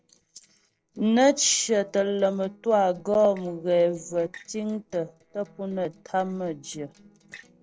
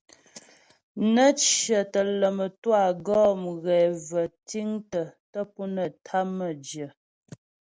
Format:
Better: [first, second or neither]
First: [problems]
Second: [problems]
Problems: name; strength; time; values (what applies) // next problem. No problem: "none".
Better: second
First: noise reduction (neural separator model SepFormer DNS4)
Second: none